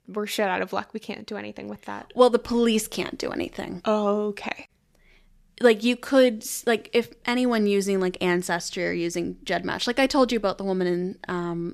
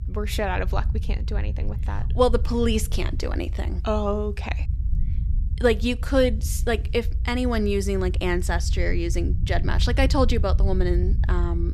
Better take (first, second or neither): first